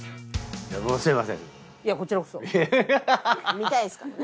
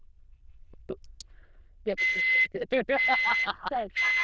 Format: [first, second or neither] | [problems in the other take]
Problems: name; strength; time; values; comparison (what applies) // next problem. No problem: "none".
first | noise reduction (neural diffusion model UNIVERSE++)